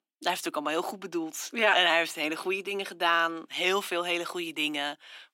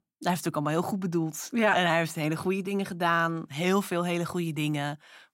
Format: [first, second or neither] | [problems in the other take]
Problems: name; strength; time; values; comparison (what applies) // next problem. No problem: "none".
second | thin; somewhat; fading below 300 Hz